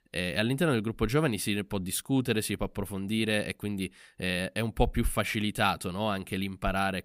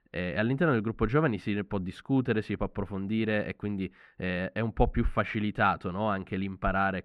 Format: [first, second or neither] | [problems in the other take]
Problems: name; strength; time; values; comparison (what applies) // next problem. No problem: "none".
first | muffled; very; fading above 2 kHz